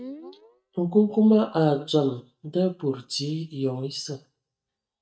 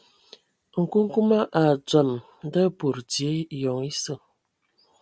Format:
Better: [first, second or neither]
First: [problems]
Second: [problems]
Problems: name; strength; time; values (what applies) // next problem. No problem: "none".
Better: second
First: noise reduction (neural mask model DeepFilterNet 3)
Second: none